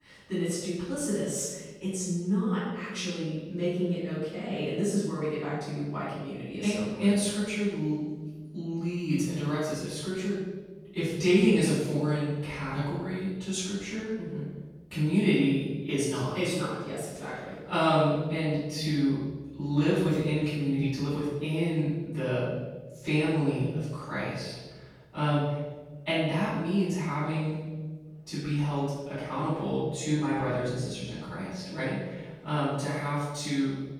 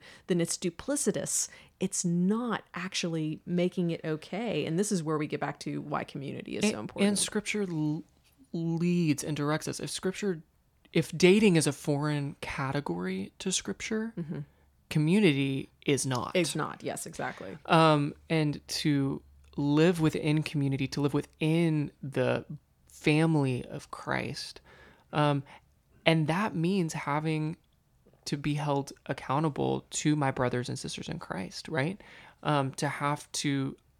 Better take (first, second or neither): second